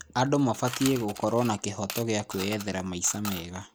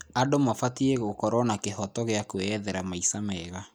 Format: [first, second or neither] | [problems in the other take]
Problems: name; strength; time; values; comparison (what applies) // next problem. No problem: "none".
second | background sound (Coin (dropping) / Mechanisms); 13 dB below the speech